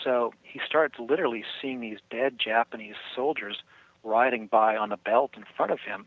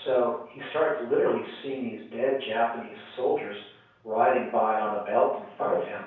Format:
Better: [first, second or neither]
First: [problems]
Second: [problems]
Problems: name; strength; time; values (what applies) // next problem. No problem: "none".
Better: first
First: none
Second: room echo; dies away in 0.6 s